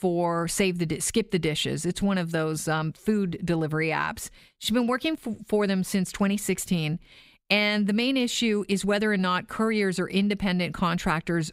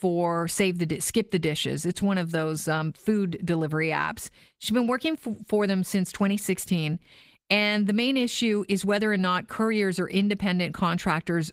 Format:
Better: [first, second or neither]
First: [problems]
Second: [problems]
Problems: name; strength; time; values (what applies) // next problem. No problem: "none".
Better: first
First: none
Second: garbled, watery; slightly; nothing above 15.5 kHz